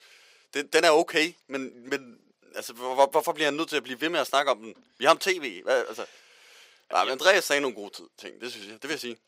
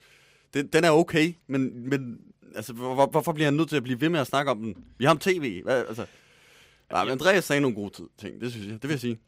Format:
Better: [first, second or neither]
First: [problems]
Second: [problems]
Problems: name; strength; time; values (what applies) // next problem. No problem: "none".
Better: second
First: thin; somewhat; fading below 550 Hz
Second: none